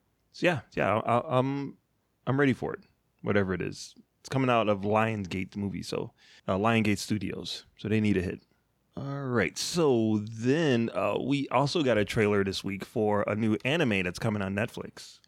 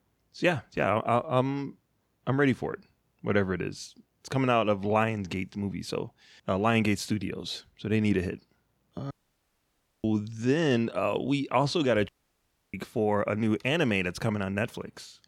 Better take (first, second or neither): first